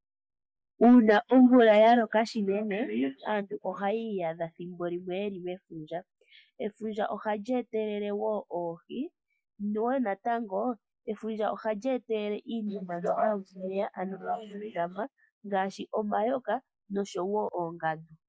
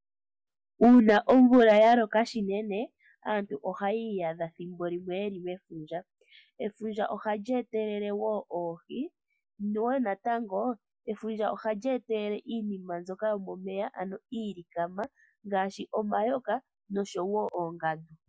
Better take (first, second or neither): second